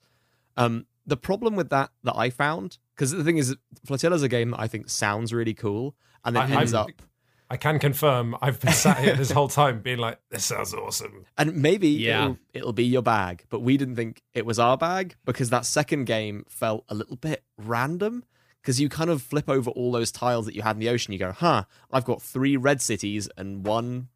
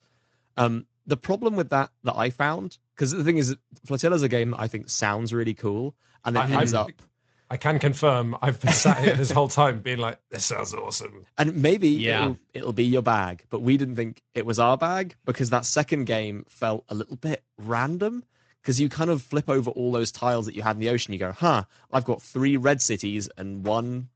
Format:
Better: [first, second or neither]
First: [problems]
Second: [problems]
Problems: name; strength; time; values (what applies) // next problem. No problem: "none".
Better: first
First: none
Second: garbled, watery; slightly; nothing above 7.5 kHz